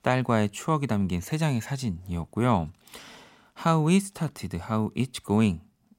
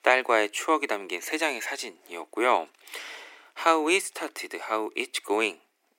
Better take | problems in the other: first | thin; very; fading below 300 Hz

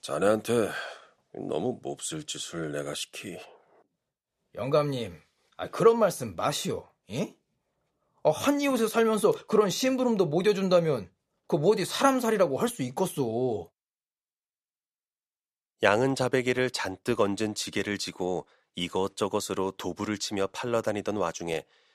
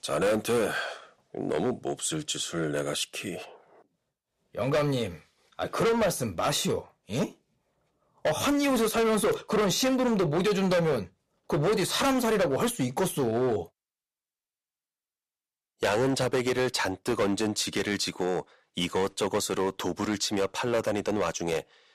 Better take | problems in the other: first | distortion; heavy; 11% of the sound clipped

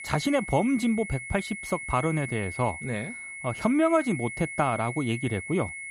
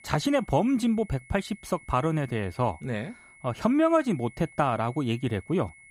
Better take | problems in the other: second | high-pitched whine; loud; throughout; 2 kHz, 9 dB below the speech; faint in the second

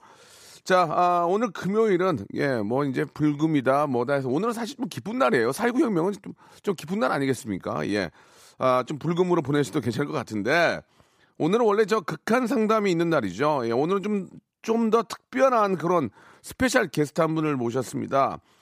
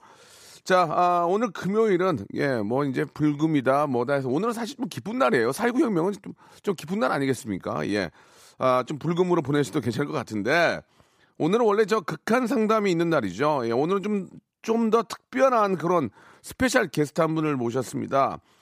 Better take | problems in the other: neither | none

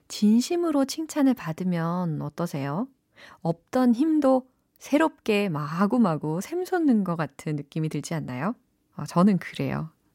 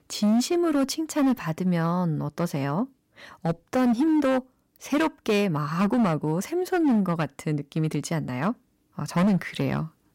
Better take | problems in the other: first | distortion; slight; 9% of the sound clipped

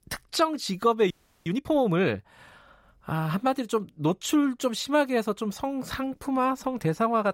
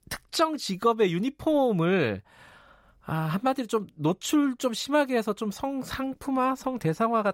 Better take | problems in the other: second | audio freezing; at 1 s

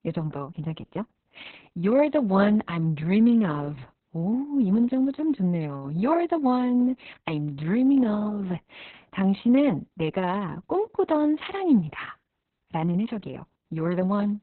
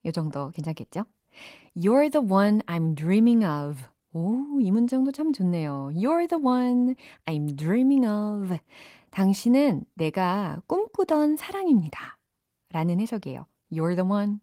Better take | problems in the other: second | garbled, watery; badly; nothing above 4 kHz; slightly in the second

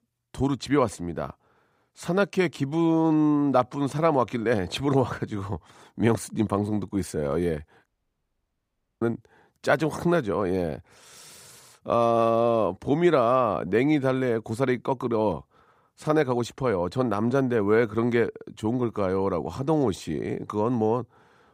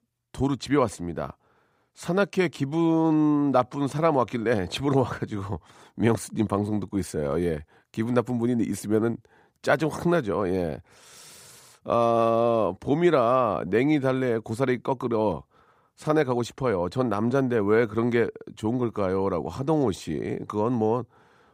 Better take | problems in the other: second | audio cutting out; at 8 s for 1 s

